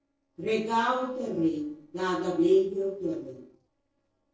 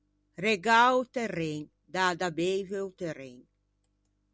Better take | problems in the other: second | noise reduction (neural separator model SepFormer DNS4)

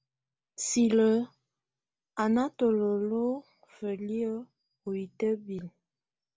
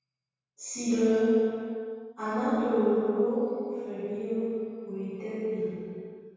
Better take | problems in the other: first | room echo; dies away in 2.2 s

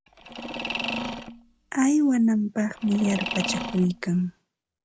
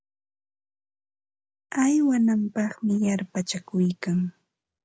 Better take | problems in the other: second | background sound (Mechanisms); 8 dB below the speech

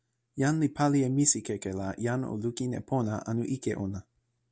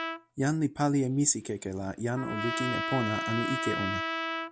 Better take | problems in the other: first | background sound (Trumpet); 4 dB below the speech

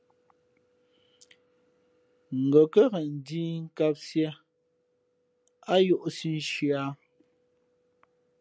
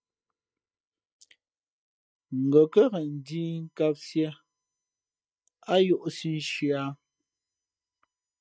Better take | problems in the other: first | noise reduction (neural mask model DeepFilterNet 3)

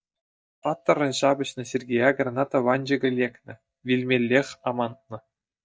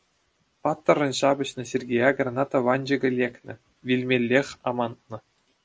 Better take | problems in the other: second | noise reduction (neural mask model DeepFilterNet 3)

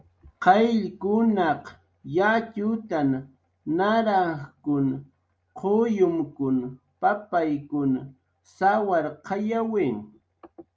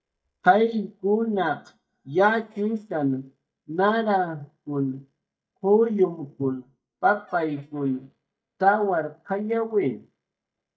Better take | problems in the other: first | noise reduction (neural mask model DeepFilterNet 3)

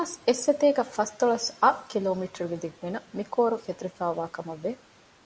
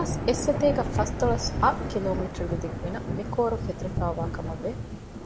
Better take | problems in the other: first | background sound (Thunder / Rain); 2 dB below the speech

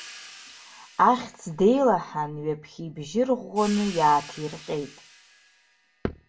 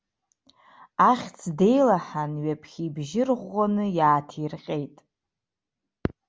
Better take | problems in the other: second | background sound (Cymbal); 20 dB below the speech // room echo; dies away in 0.2 s

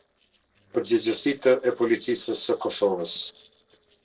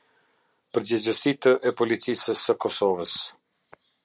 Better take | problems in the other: second | noise reduction (neural separator model SepFormer DNS4)

